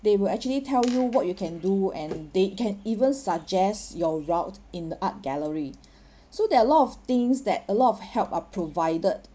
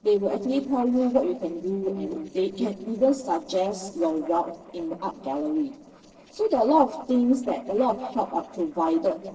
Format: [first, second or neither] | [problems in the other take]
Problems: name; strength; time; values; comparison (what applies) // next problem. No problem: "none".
first | noise reduction (neural separator model SepFormer DNS4)